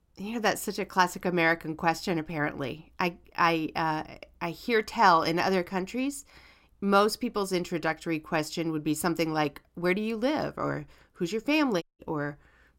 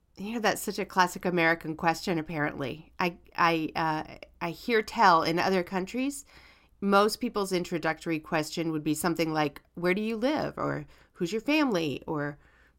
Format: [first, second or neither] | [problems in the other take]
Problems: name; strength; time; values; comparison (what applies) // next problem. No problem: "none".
second | audio cutting out; at 12 s